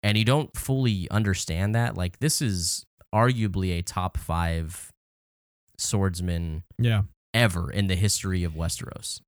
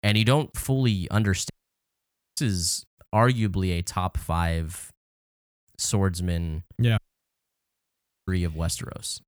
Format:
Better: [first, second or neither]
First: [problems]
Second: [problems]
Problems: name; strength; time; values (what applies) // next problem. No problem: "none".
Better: first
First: none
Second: audio cutting out; at 1.5 s for 1 s and at 7 s for 1.5 s